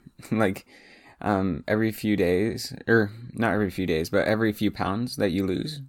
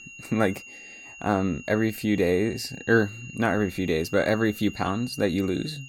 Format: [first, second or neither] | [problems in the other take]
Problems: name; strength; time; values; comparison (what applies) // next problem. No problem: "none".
first | high-pitched whine; noticeable; throughout; 3 kHz, 15 dB below the speech